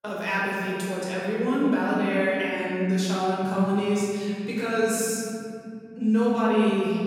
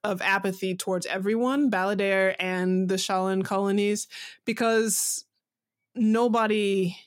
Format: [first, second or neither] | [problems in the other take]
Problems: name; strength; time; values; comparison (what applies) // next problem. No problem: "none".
second | room echo; strong; dies away in 3 s // off-mic speech; far